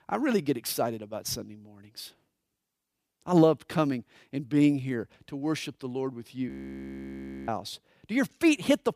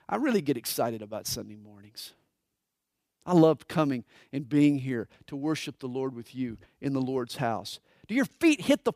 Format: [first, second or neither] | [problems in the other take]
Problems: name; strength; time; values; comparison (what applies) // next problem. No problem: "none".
second | audio freezing; at 6.5 s for 1 s